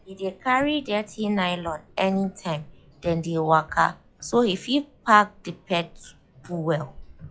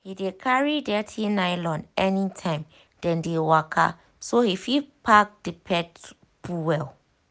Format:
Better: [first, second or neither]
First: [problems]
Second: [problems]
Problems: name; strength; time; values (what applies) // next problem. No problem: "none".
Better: second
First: noise reduction (classical method log-MMSE)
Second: none